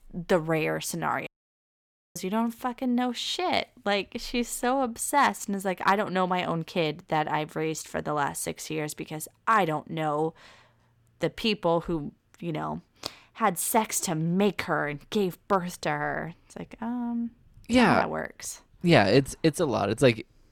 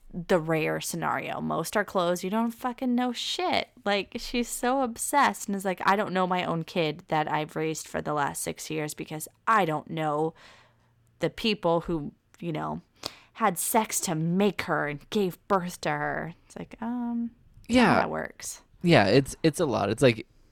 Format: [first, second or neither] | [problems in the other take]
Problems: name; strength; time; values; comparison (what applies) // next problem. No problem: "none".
second | audio cutting out; at 1.5 s for 1 s